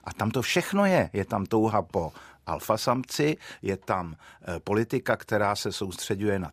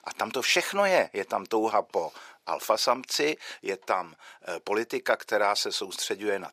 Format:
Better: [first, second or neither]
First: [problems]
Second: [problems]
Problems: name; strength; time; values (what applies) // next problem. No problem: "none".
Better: first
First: none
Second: thin; somewhat; fading below 500 Hz